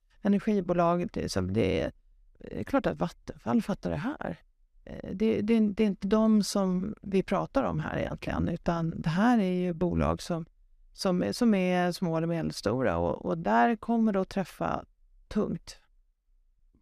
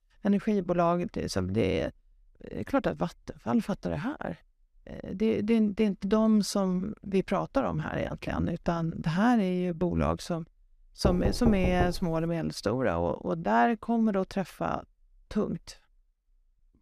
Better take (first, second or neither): first